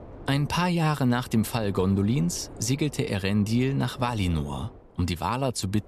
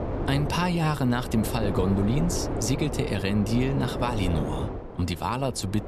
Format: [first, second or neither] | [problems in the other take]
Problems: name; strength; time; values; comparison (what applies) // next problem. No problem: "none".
first | wind noise on the microphone; heavy; 5 dB below the speech; occasional gusts in the first